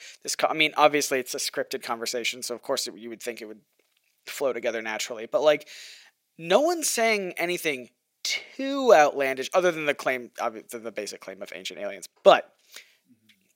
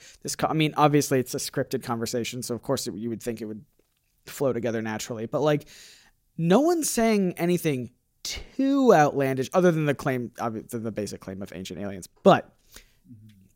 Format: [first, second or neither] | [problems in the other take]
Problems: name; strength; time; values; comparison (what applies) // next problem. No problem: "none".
second | thin; somewhat; fading below 400 Hz